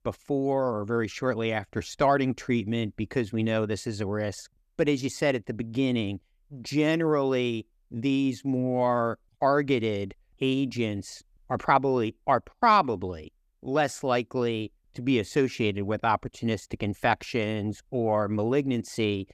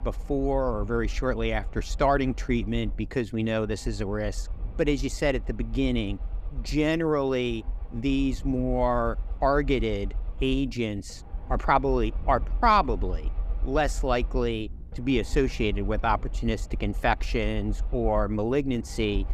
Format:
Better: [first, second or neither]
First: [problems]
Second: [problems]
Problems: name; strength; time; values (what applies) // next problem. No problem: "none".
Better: first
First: none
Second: low rumble; faint; throughout; 25 dB below the speech